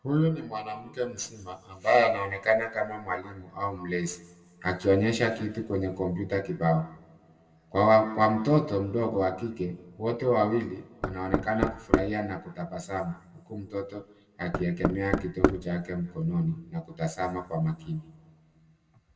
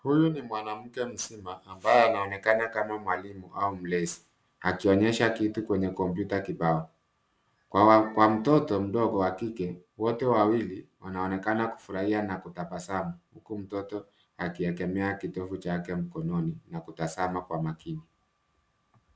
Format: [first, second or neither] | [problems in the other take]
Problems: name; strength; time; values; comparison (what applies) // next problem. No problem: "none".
second | background sound (Knock); as loud as the speech // room echo; dies away in 1.2 s